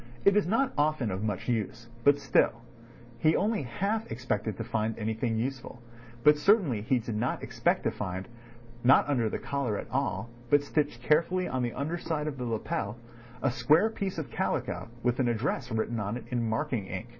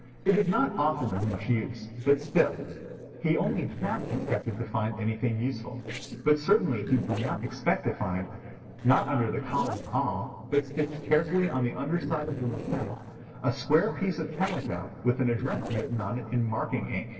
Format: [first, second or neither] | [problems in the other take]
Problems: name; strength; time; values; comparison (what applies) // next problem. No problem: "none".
first | noise reduction (neural separator model SepFormer DNS4)